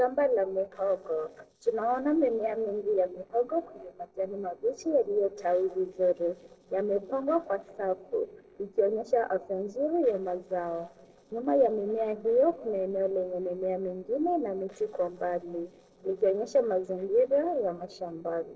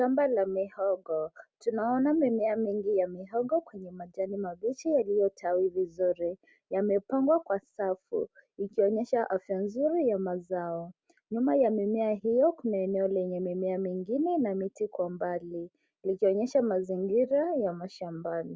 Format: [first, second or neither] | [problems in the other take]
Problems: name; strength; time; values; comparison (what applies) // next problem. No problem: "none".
second | noise reduction (neural separator model SepFormer DNS4)